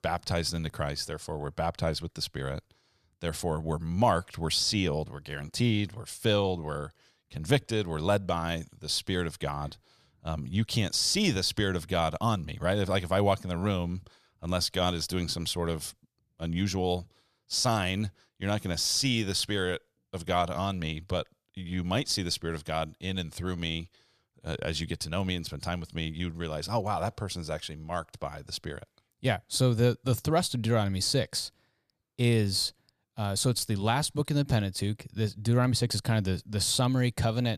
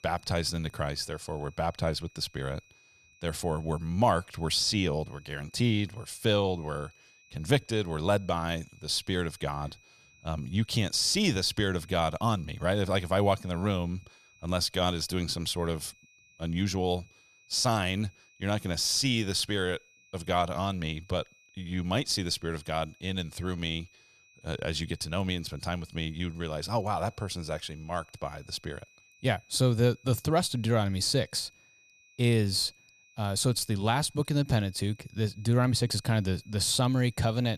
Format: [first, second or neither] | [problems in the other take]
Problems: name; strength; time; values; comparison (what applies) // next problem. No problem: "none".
first | high-pitched whine; faint; throughout; 2.5 kHz, 30 dB below the speech